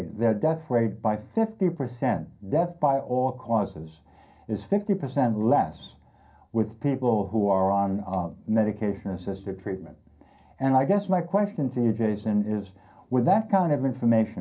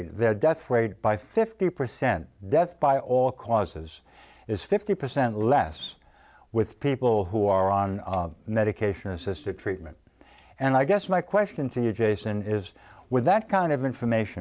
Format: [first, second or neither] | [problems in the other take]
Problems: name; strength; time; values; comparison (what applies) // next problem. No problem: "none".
second | room echo; dies away in 0.3 s